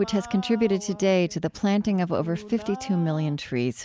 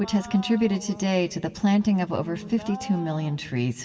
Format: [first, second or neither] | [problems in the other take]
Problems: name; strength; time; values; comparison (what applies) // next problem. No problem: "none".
first | room echo; dies away in 2.4 s